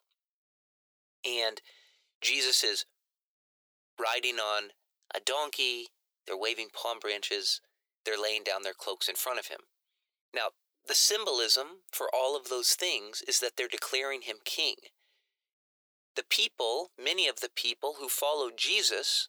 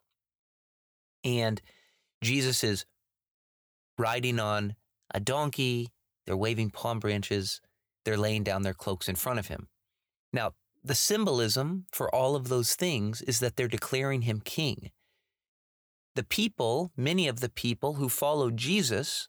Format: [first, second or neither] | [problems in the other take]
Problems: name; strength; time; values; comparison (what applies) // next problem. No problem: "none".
second | thin; very; fading below 400 Hz